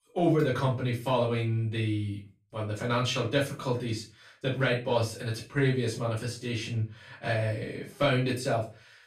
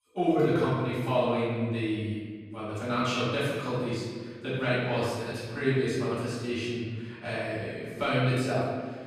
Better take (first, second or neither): first